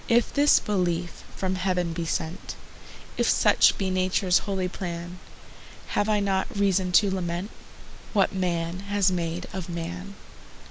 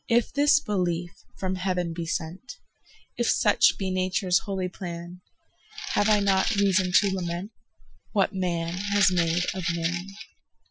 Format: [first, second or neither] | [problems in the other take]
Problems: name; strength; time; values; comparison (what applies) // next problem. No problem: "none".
first | noise reduction (classical method Wiener filter)